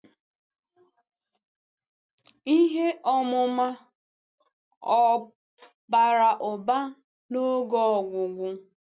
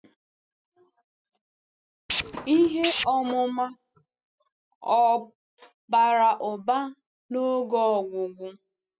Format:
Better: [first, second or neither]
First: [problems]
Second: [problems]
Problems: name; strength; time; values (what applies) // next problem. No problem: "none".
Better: first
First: none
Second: noise reduction (classical method spectral subtraction)